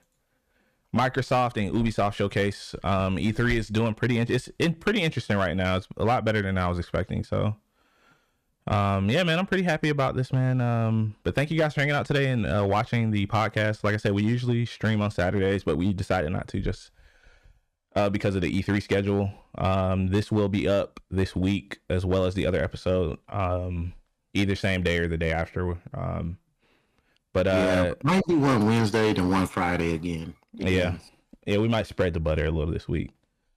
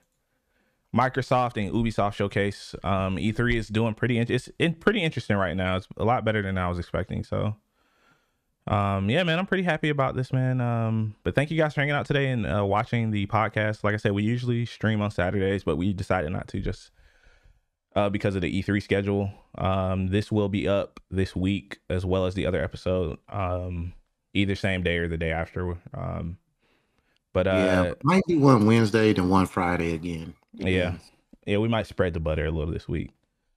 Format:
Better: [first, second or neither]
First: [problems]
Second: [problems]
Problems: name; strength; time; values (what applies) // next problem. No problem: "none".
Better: second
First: distortion; slight; 5% of the sound clipped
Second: none